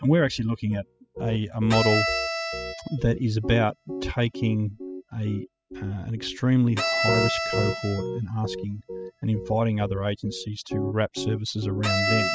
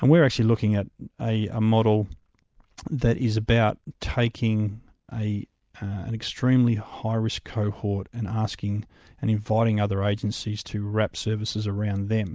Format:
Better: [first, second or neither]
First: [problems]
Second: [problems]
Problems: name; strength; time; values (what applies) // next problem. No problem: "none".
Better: second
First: noise reduction (classical method spectral subtraction)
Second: none